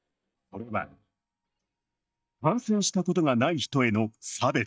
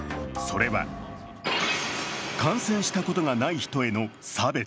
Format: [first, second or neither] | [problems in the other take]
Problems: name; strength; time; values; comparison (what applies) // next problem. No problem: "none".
second | noise reduction (neural mask model DeepFilterNet 3)